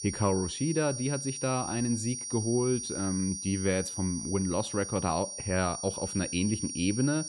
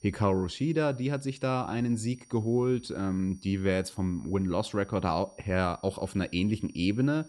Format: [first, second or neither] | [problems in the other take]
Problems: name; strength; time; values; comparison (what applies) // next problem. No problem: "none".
second | high-pitched whine; loud; throughout; 5.5 kHz, 5 dB below the speech; faint in the second